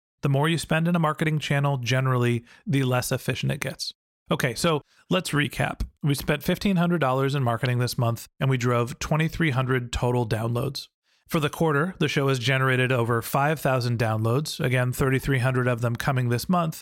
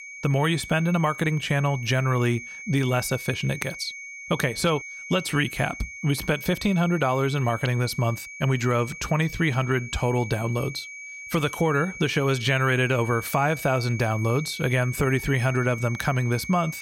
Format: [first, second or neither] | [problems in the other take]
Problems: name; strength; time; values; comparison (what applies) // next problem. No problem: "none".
first | high-pitched whine; noticeable; throughout; 2 kHz, 10 dB below the speech